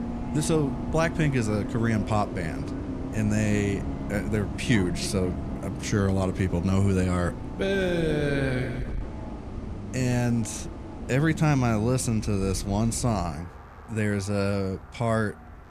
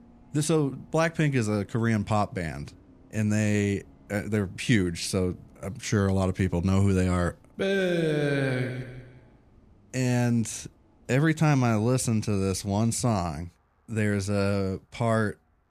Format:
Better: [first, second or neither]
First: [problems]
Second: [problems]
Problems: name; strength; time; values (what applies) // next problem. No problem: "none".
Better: second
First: traffic noise; loud; throughout; 8 dB below the speech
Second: traffic noise; faint; throughout; 30 dB below the speech